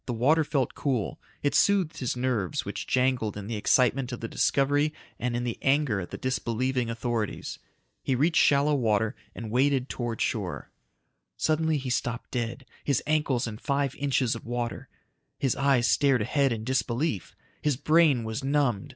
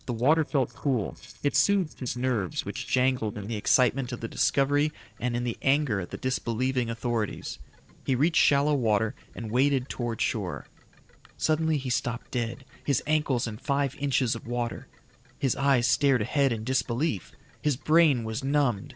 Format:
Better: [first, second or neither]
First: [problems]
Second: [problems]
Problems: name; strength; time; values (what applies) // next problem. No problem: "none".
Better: first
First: none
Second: noise reduction (neural separator model SepFormer DNS4)